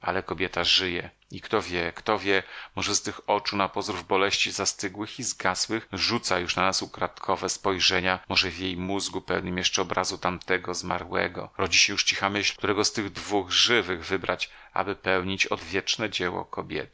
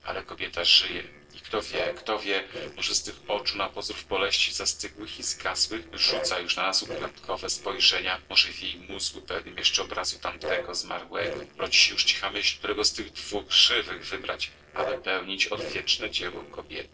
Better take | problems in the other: first | noise reduction (neural separator model SepFormer DNS4)

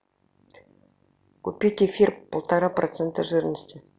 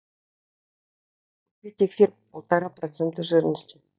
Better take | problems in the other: first | noise reduction (neural mask model DeepFilterNet 3)

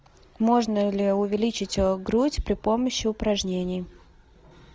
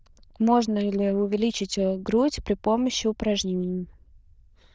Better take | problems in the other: first | noise reduction (neural diffusion model UNIVERSE++)

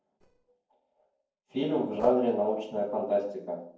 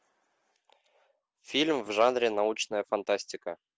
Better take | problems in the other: second | noise reduction (neural separator model SepFormer DNS4)

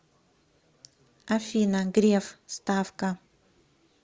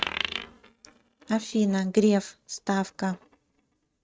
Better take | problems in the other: first | noise reduction (neural mask model RNNoise)

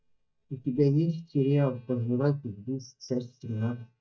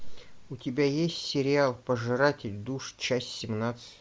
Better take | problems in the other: second | noise reduction (neural mask model DeepFilterNet 3)

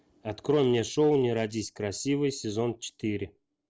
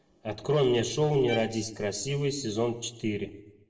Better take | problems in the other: first | background sound (Bowed string instrument); 18 dB below the speech // room echo; dies away in 0.6 s

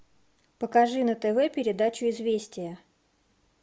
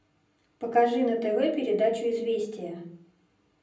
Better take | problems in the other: first | room echo; dies away in 0.6 s

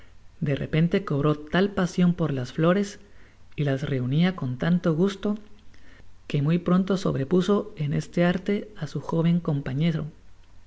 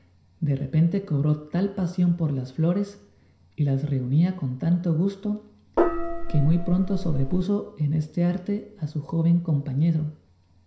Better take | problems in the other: first | background sound (Gong); 1 dB above the speech // room echo; dies away in 0.5 s

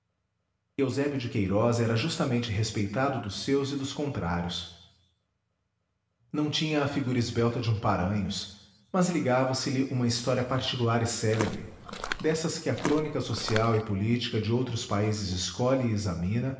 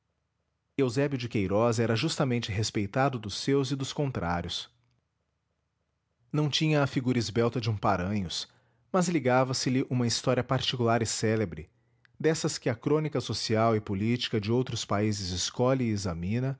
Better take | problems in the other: second | background sound (Walk, footsteps); 8 dB below the speech // room echo; dies away in 0.8 s

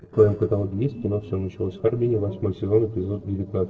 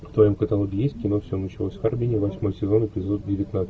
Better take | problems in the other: second | noise reduction (neural separator model SepFormer DNS4)

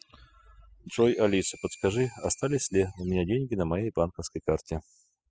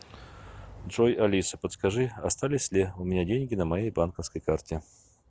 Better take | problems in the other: second | noise reduction (classical method spectral subtraction)

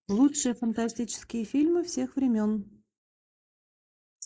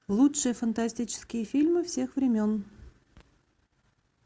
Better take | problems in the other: second | noise reduction (neural mask model Resemble Enhance denoiser)

